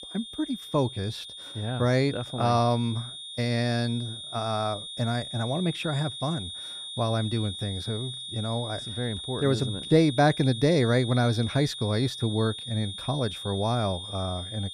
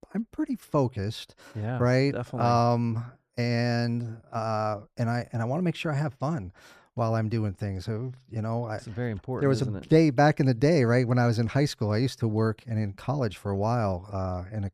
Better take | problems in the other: second | high-pitched whine; loud; throughout; 3.5 kHz, 8 dB below the speech

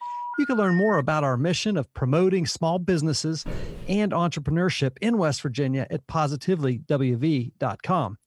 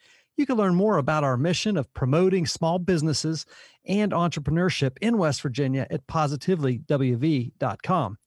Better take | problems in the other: second | phone ringing; noticeable; until 1 s; peak 6 dB below the speech // footsteps; faint; at 3.5 s; peak 10 dB below the speech

